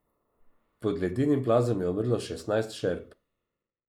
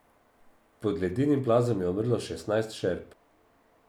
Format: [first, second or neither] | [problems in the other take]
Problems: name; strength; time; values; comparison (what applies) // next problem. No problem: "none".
second | noise reduction (neural mask model Resemble Enhance denoiser)